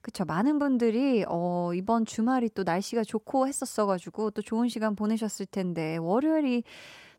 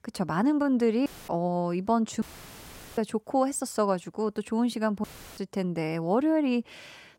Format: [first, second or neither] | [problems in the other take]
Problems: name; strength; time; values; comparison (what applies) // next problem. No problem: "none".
first | audio cutting out; filled with static; at 1 s, at 2 s for 1 s and at 5 s